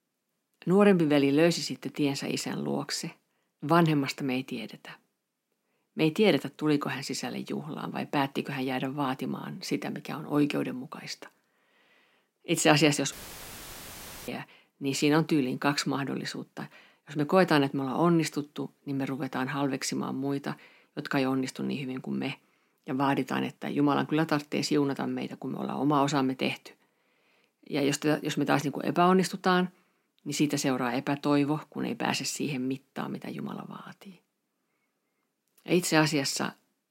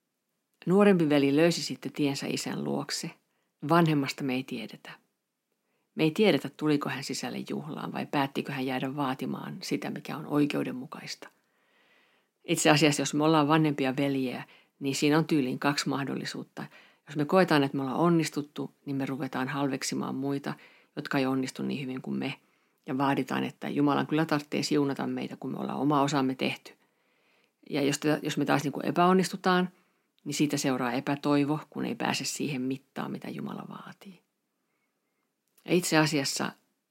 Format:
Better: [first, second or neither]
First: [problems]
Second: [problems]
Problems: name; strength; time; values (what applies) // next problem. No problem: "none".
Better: second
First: audio cutting out; filled with static; at 13 s for 1 s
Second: none